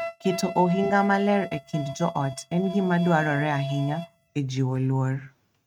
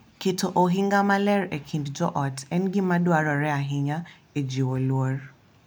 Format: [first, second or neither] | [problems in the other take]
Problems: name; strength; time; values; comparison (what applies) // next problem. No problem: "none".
second | noise reduction (neural mask model RNNoise)